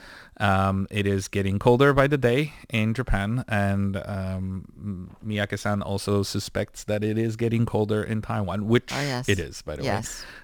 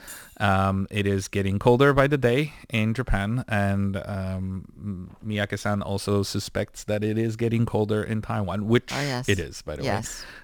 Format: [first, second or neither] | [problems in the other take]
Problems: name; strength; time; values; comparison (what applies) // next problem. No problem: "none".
first | jangling keys; faint; at the start; peak 15 dB below the speech